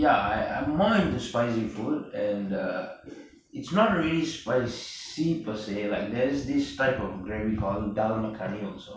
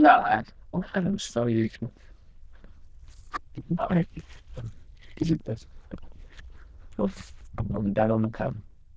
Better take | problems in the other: first | noise reduction (neural diffusion model UNIVERSE++)

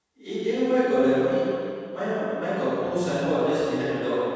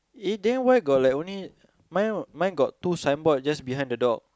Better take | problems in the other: second | room echo; dies away in 2.1 s

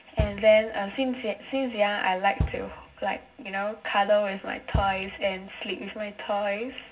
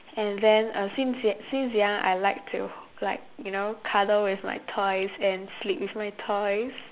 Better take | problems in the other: second | background sound (Bass drum); 10 dB below the speech // room echo; dies away in 0.4 s

